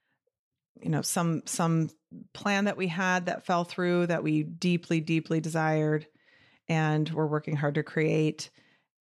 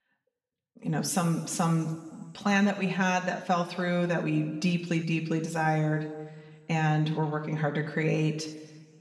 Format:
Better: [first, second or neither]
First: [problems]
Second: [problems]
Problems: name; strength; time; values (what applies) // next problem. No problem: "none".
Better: first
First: none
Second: room echo; slight; dies away in 1.3 s